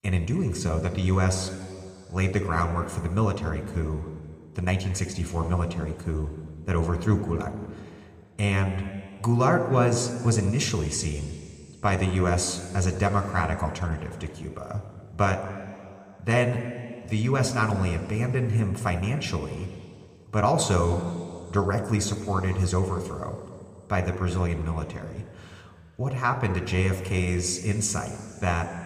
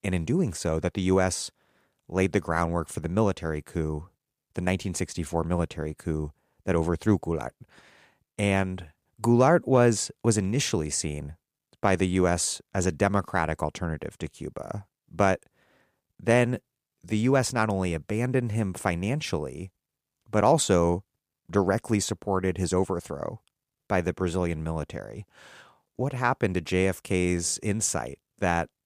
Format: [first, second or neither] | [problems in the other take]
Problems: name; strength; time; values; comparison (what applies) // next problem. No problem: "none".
second | room echo; slight; dies away in 2.3 s